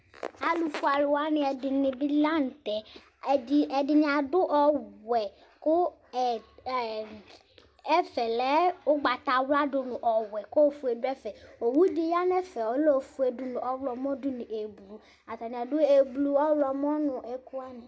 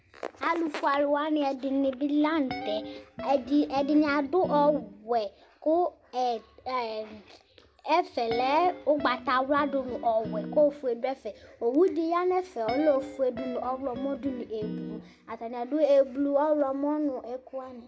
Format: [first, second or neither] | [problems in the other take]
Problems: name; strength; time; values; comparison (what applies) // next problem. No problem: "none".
first | background sound (Guitar); 13 dB below the speech